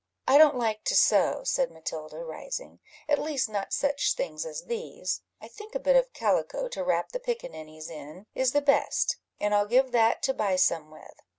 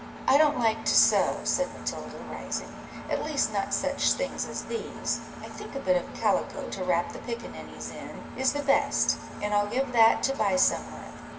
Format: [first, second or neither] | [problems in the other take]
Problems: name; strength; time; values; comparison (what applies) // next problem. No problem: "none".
first | background sound (Engine); 12 dB below the speech // room echo; dies away in 0.9 s